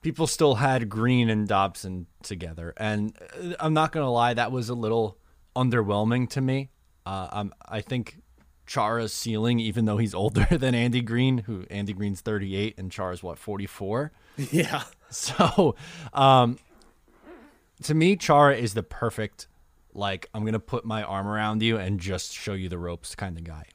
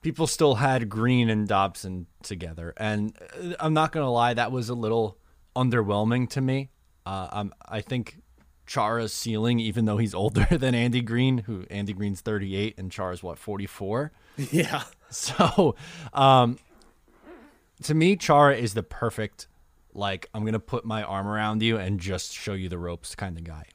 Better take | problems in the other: neither | none

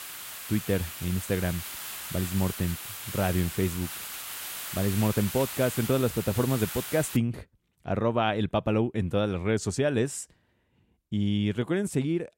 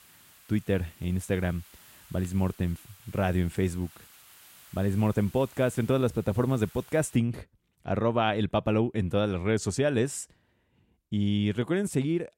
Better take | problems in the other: second | hiss; loud; until 7 s; 7 dB below the speech; faint in the second

